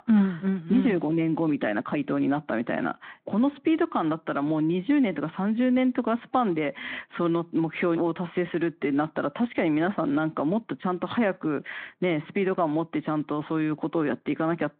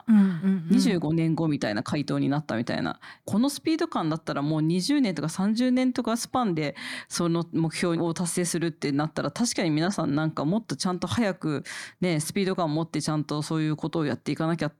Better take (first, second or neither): second